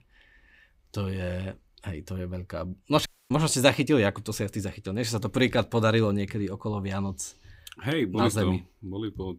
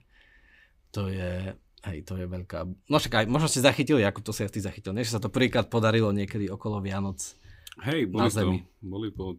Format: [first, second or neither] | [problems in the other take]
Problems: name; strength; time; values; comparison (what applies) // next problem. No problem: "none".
second | audio cutting out; at 3 s